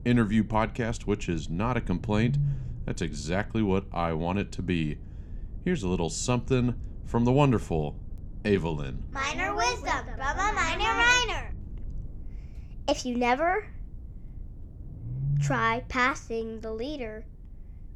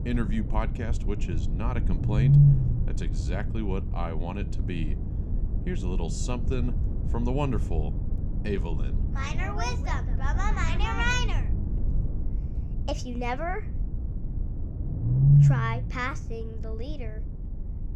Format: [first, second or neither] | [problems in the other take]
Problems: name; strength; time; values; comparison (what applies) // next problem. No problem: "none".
first | low rumble; loud; throughout; 5 dB below the speech; faint in the first